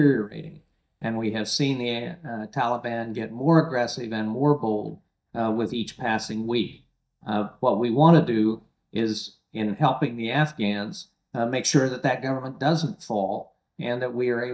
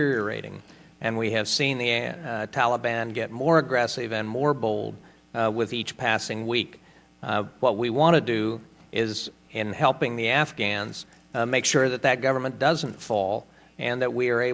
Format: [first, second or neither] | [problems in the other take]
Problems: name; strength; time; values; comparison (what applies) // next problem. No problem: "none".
second | noise reduction (neural mask model DeepFilterNet 3)